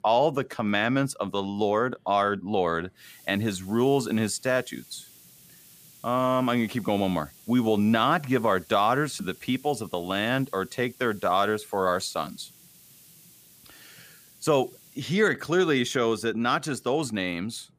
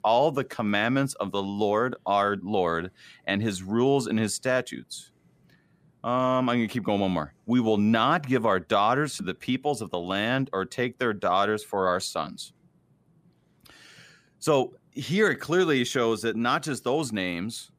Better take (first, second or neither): second